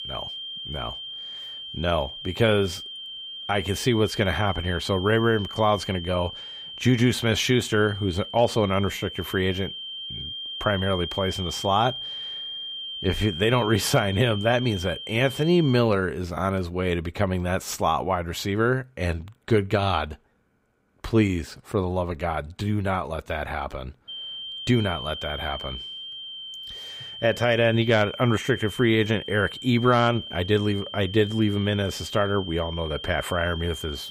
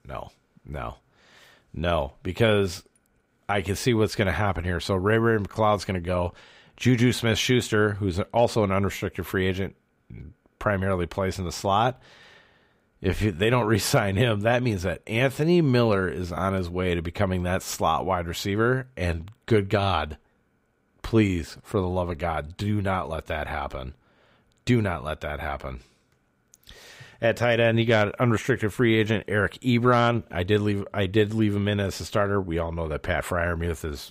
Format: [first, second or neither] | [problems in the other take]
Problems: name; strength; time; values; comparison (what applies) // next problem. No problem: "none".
second | high-pitched whine; loud; until 16 s and from 24 s on; 3 kHz, 9 dB below the speech